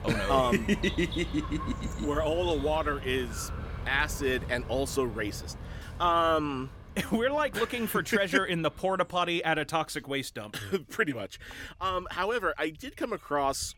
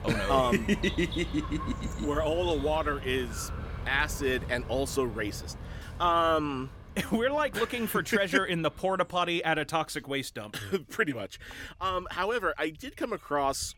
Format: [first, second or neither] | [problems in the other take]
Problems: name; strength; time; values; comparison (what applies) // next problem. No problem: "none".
neither | animal sounds; noticeable; throughout; 10 dB below the speech; the same in both